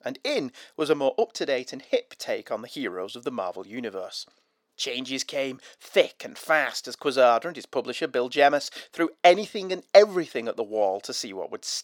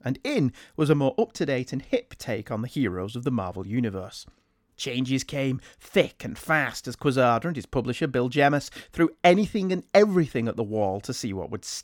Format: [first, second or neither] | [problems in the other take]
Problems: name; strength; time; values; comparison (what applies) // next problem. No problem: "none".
second | thin; somewhat; fading below 450 Hz